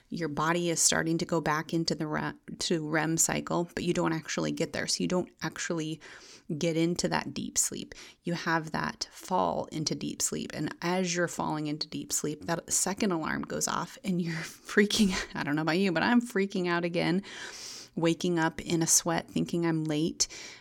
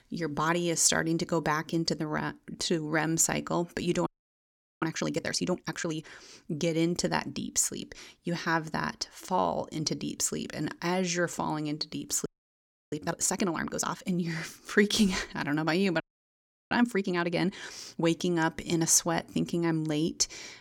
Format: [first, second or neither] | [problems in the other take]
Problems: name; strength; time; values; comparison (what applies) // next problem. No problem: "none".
first | audio freezing; at 4 s for 1 s, at 12 s for 0.5 s and at 16 s for 0.5 s